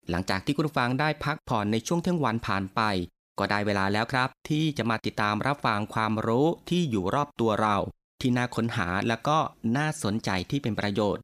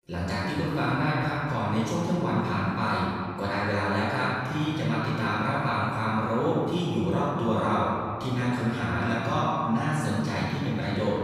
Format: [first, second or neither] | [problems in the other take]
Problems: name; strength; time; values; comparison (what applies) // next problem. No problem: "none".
first | off-mic speech; far // room echo; strong; dies away in 2.3 s